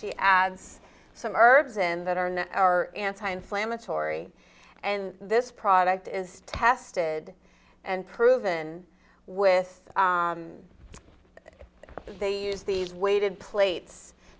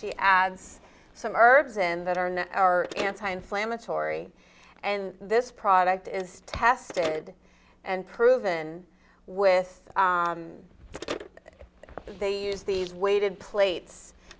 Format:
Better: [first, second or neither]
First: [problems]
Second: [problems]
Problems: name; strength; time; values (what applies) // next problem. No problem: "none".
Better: first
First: none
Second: background sound (Telephone); 19 dB below the speech